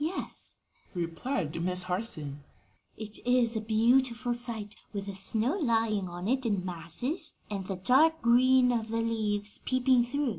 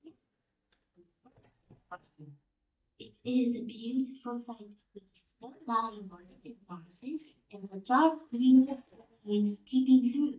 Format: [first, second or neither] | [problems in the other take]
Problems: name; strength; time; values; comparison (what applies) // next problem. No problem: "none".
first | noise reduction (neural mask model DeepFilterNet 3)